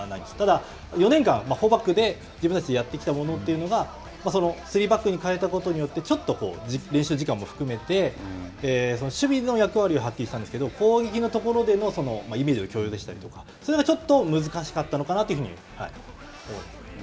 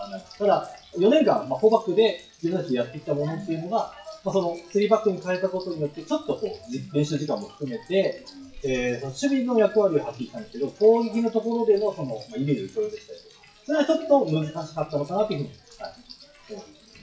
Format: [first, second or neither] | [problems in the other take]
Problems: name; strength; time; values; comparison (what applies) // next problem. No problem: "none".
first | noise reduction (classical method WPE with log-MMSE)